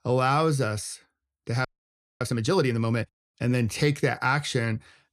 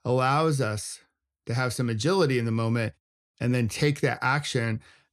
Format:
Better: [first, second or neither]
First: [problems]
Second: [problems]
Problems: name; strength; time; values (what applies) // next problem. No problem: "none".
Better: second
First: audio freezing; at 1.5 s for 0.5 s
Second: none